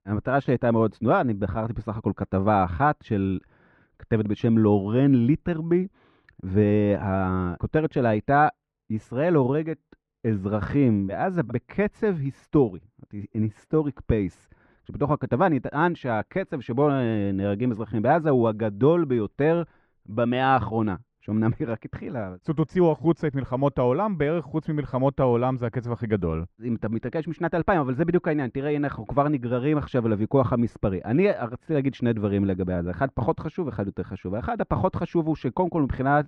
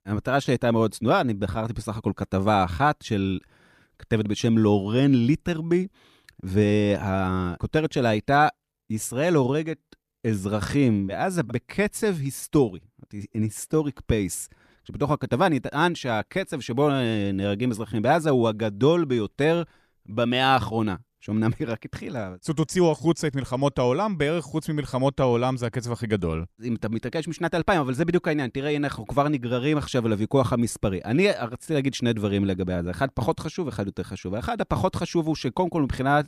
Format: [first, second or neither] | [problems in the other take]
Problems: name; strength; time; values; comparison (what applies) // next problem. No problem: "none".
second | muffled; very; fading above 1.5 kHz